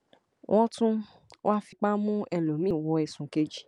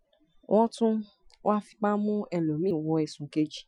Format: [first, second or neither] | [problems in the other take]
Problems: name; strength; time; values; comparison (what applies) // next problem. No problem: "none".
first | noise reduction (classical method Wiener filter)